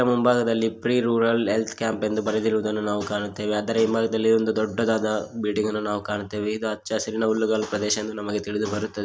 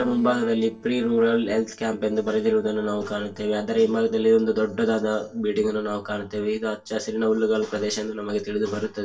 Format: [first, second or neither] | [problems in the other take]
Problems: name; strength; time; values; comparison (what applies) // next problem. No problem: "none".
first | noise reduction (neural separator model SepFormer DNS4)